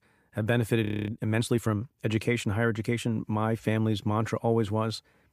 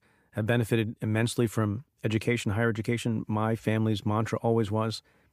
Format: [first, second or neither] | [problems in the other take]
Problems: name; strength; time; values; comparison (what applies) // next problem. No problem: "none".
second | audio freezing; at 1 s